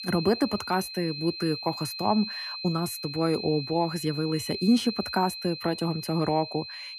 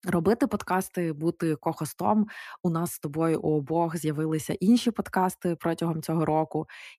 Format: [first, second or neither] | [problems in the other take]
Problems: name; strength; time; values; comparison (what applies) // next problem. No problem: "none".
second | high-pitched whine; loud; throughout; 4 kHz, 7 dB below the speech